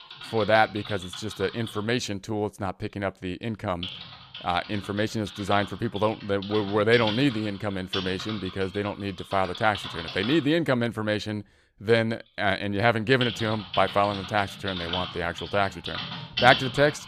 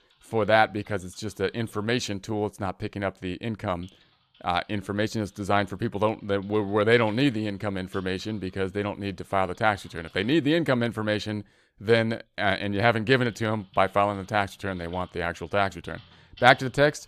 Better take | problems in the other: second | household noises; loud; throughout; 9 dB below the speech; faint in the second

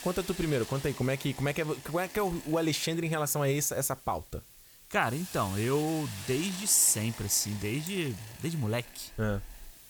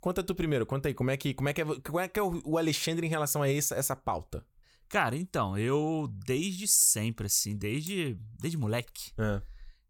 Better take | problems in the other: second | hiss; noticeable; throughout; 15 dB below the speech

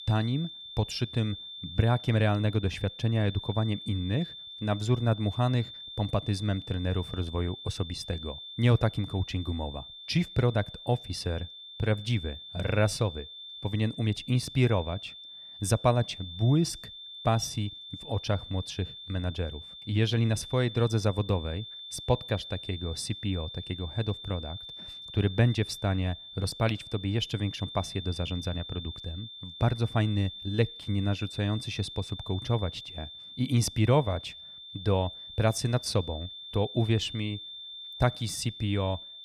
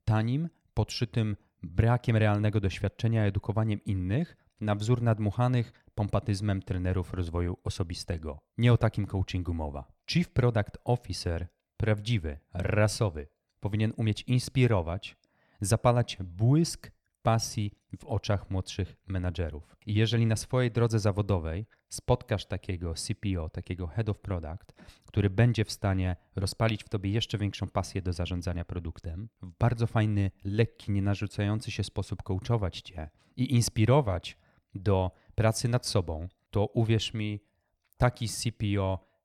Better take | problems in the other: second | high-pitched whine; noticeable; throughout; 3.5 kHz, 10 dB below the speech

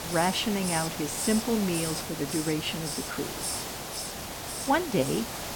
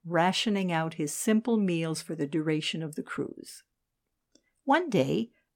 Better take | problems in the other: second | hiss; loud; throughout; 3 dB below the speech

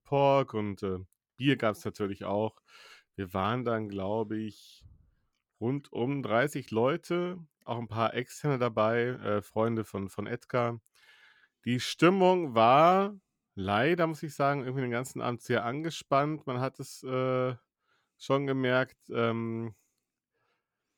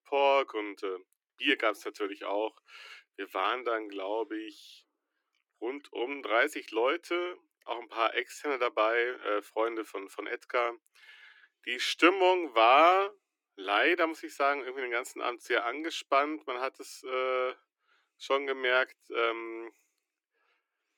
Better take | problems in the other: first | thin; very; fading below 300 Hz

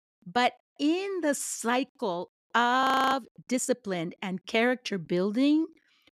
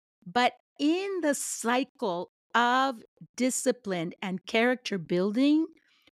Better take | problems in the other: second | audio freezing; at 3 s

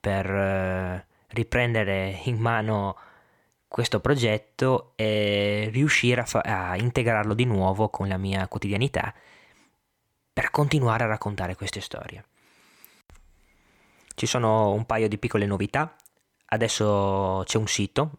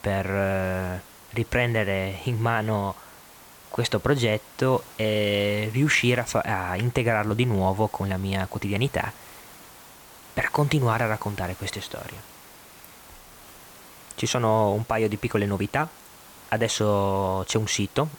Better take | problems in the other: first | hiss; faint; throughout; 20 dB below the speech

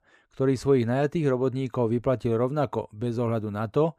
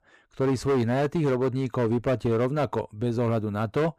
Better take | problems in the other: first | distortion; slight; 13% of the sound clipped

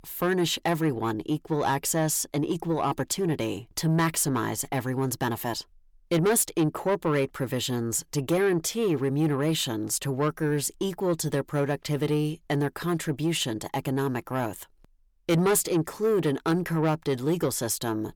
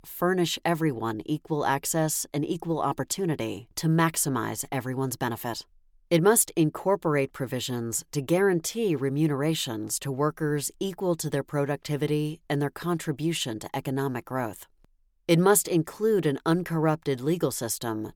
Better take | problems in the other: second | distortion; slight; 10 dB below the speech

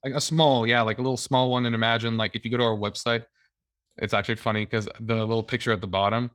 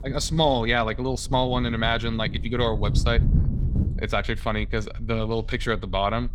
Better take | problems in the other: first | wind noise on the microphone; occasional gusts; 15 dB below the speech

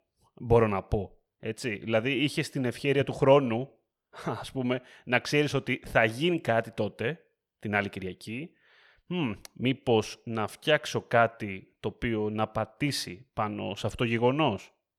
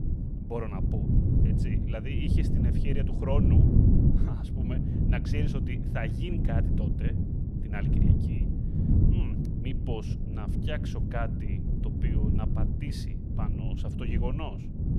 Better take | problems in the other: first | wind noise on the microphone; heavy; 1 dB above the speech

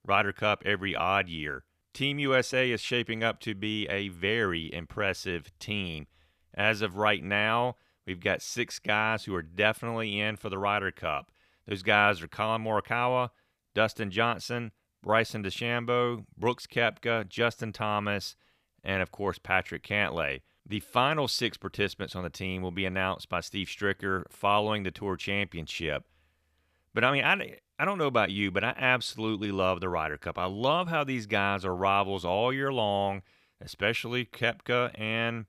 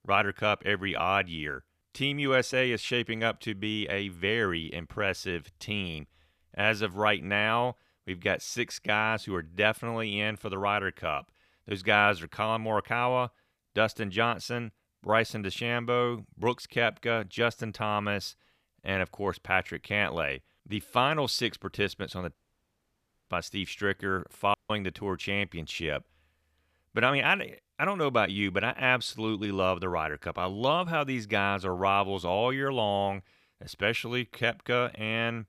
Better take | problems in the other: first | audio cutting out; at 22 s for 1 s and at 25 s

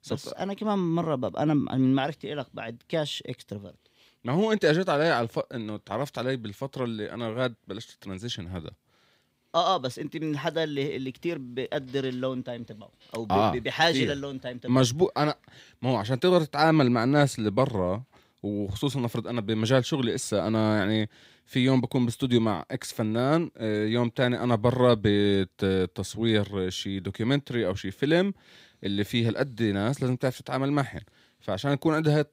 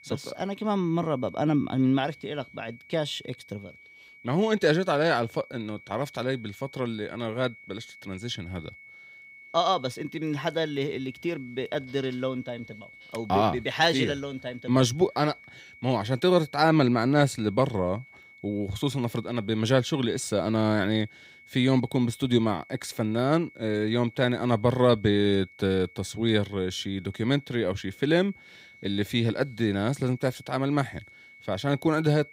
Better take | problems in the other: first | high-pitched whine; faint; throughout; 2 kHz, 20 dB below the speech

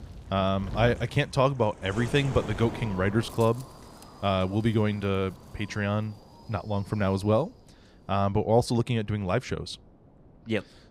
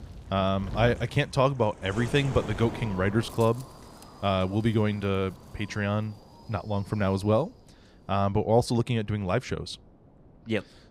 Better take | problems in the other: neither | wind noise on the microphone; occasional gusts; 15 dB below the speech; the same in both

